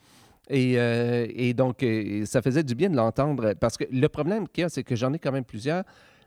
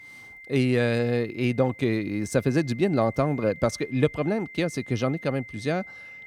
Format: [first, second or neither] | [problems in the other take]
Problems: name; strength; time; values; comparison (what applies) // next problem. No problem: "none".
first | high-pitched whine; noticeable; throughout; 2 kHz, 15 dB below the speech